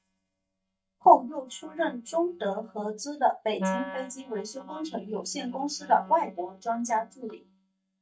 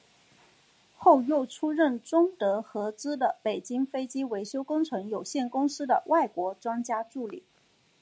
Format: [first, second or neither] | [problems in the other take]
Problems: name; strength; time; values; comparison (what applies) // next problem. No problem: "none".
second | noise reduction (neural mask model DeepFilterNet 3)